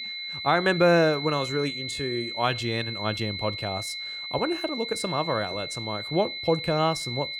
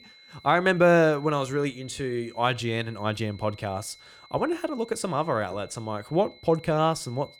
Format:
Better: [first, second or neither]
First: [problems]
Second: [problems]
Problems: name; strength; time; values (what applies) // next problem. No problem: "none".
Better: second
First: high-pitched whine; loud; throughout; 4 kHz, 5 dB below the speech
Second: high-pitched whine; faint; throughout; 4 kHz, 25 dB below the speech